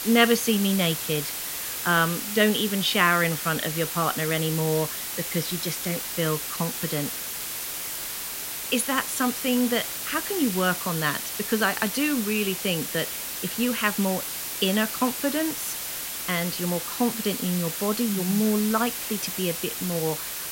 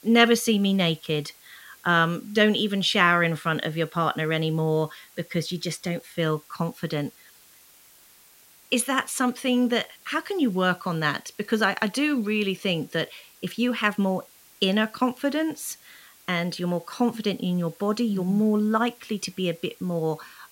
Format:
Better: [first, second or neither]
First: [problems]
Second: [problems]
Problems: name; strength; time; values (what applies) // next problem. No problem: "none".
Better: second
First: hiss; loud; throughout; 4 dB below the speech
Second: hiss; faint; throughout; 25 dB below the speech